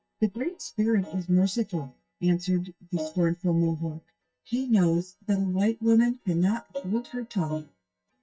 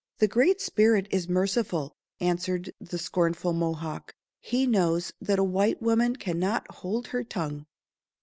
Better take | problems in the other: second | noise reduction (neural mask model DeepFilterNet 3)

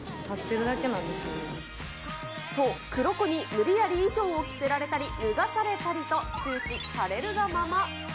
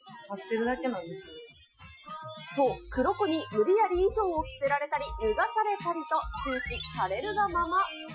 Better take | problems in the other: first | noise reduction (classical method Wiener filter)

